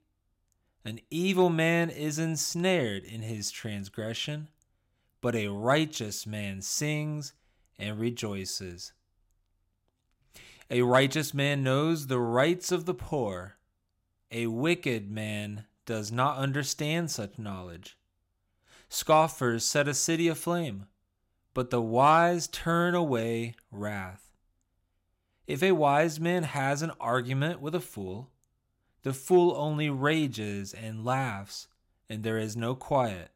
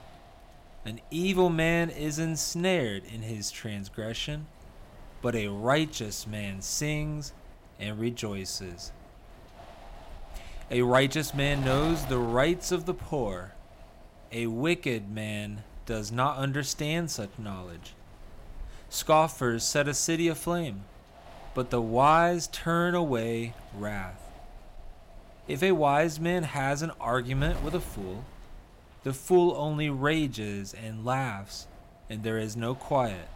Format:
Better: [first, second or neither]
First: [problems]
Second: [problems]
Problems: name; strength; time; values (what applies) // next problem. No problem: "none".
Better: first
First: none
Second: wind noise on the microphone; occasional gusts; 20 dB below the speech